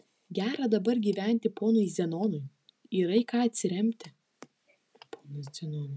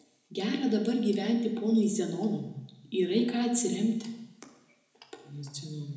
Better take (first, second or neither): first